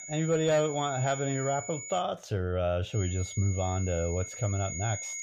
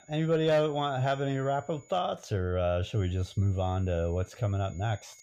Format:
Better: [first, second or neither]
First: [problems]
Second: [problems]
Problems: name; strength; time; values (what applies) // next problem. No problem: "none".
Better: second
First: high-pitched whine; loud; until 2 s and from 3 s on; 6.5 kHz, 9 dB below the speech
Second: high-pitched whine; faint; until 2 s and from 3 s on; 6.5 kHz, 30 dB below the speech